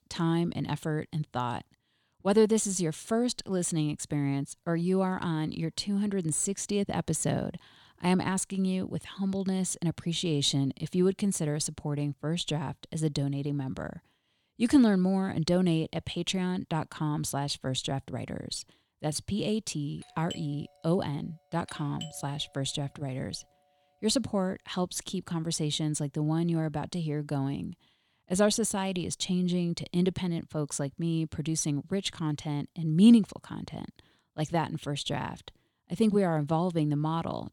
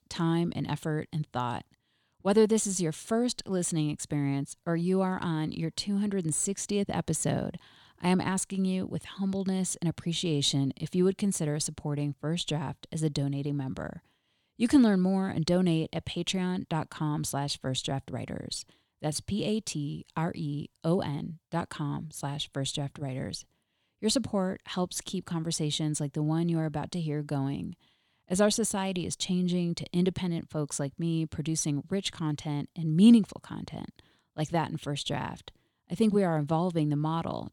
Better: second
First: doorbell; faint; from 20 to 22 s; peak 15 dB below the speech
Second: none

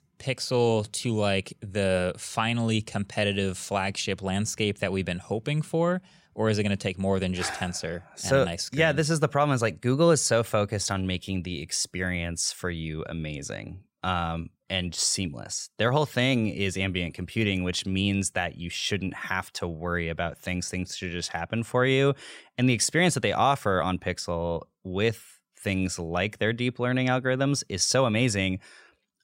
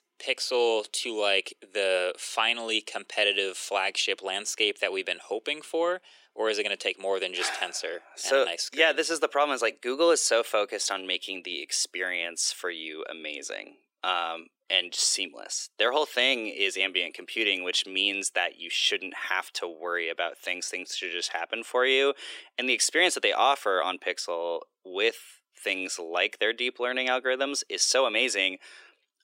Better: first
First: none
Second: thin; very; fading below 300 Hz

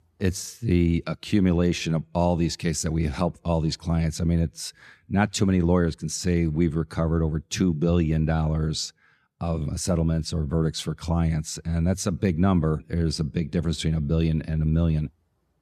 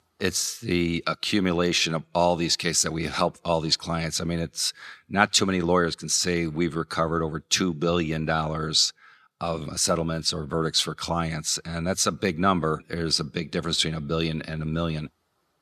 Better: first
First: none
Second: thin; somewhat; fading below 650 Hz

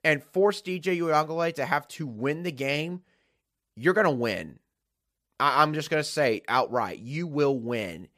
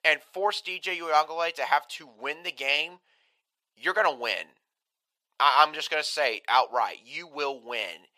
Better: first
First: none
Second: thin; very; fading below 700 Hz

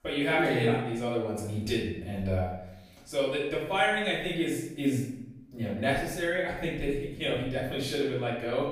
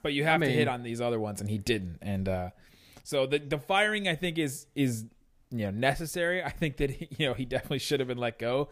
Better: second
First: off-mic speech; far // room echo; noticeable; dies away in 0.7 s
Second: none

